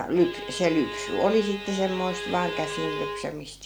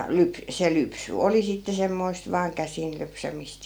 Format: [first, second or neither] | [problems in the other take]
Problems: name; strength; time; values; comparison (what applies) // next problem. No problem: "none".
second | background sound (Bowed string instrument); 8 dB below the speech